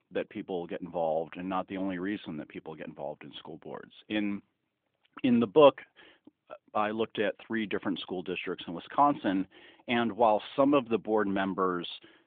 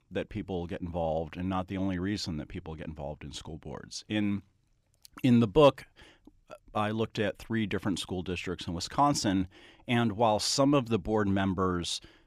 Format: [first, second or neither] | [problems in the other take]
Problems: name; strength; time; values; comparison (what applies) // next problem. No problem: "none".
second | phone-call audio